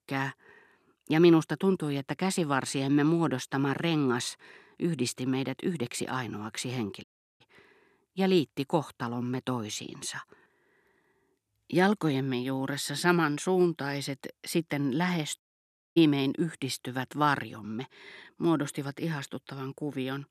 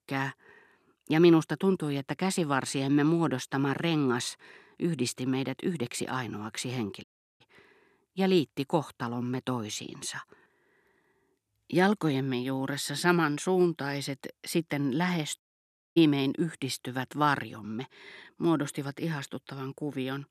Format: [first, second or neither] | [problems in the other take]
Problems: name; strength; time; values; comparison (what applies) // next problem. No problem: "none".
neither | audio cutting out; at 7 s and at 15 s for 0.5 s; the same in both